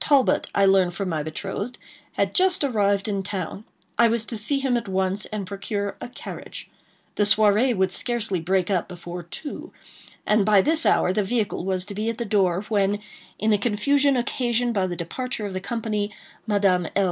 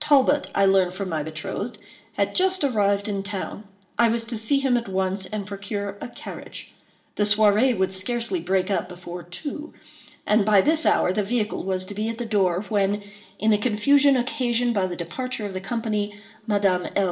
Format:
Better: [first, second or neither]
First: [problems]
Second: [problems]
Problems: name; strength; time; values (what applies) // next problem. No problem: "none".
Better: first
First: none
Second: room echo; dies away in 0.6 s